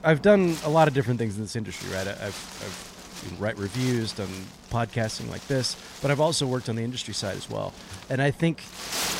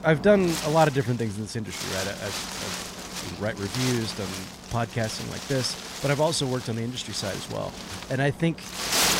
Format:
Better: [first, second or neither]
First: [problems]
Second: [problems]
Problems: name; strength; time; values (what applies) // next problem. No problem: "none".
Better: first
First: wind noise on the microphone; occasional gusts; 10 dB below the speech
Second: wind noise on the microphone; heavy; 5 dB below the speech